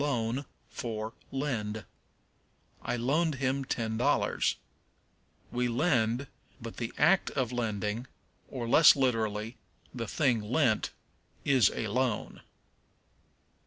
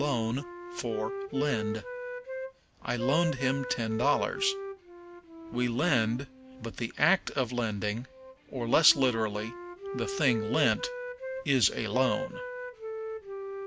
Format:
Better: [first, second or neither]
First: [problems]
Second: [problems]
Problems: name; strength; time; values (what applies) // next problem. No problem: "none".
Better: first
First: none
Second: background sound (Wind instrument, woodwind instrument); 8 dB below the speech